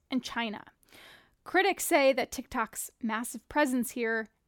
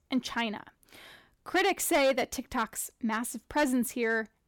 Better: first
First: none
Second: distortion; slight; 4% of the sound clipped

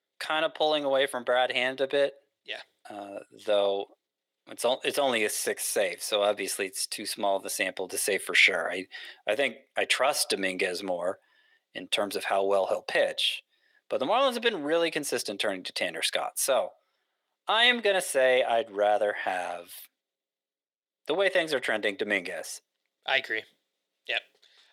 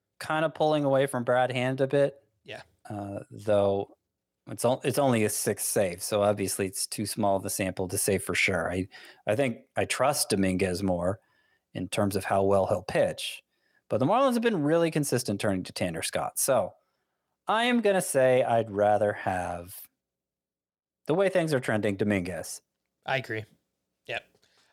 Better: second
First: thin; somewhat; fading below 400 Hz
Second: none

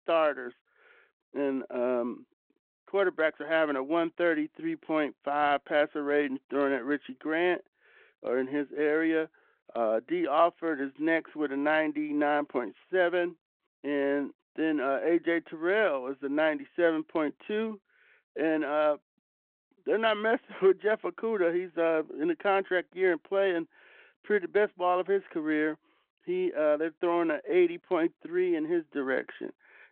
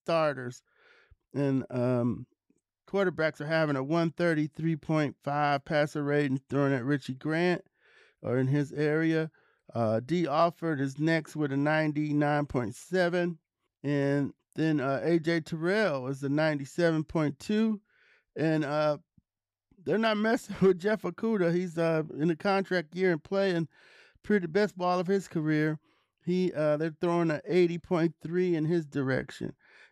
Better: second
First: phone-call audio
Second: none

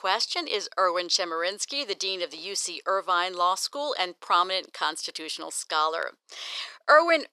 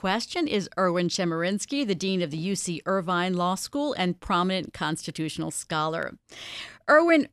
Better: second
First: thin; very; fading below 450 Hz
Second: none

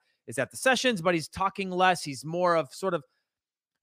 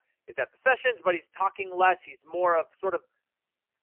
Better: first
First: none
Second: phone-call audio; poor line; nothing above 3 kHz

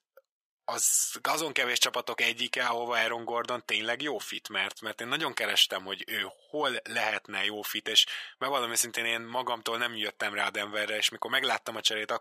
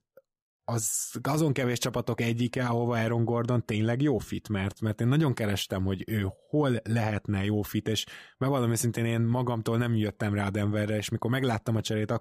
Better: second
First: thin; very; fading below 750 Hz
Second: none

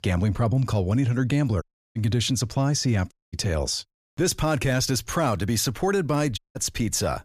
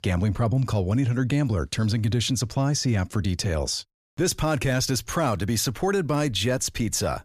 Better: second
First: audio cutting out; at 1.5 s, at 3 s and at 6.5 s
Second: none

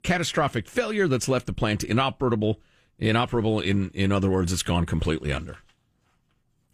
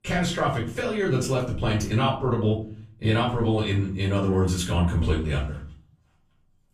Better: first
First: none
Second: off-mic speech; far // room echo; slight; dies away in 0.5 s

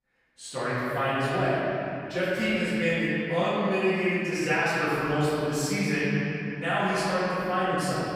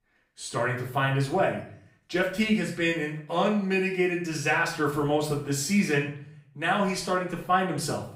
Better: second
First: room echo; strong; dies away in 2.6 s // off-mic speech; far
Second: room echo; slight; dies away in 0.5 s // off-mic speech; far

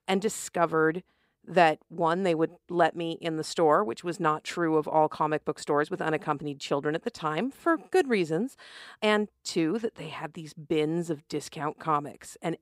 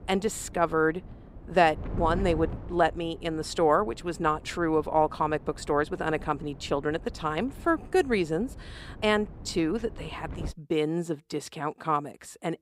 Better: first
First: none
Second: wind noise on the microphone; occasional gusts; until 10 s; 20 dB below the speech

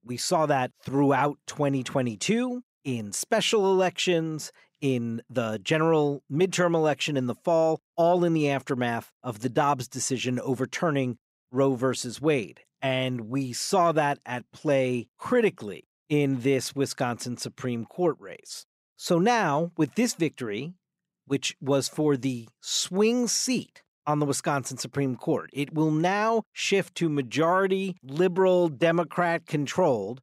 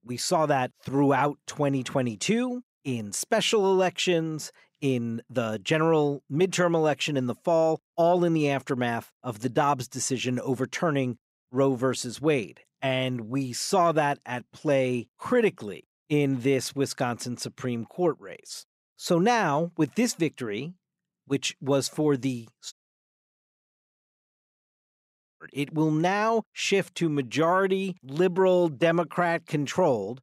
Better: first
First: none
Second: audio cutting out; at 23 s for 2.5 s

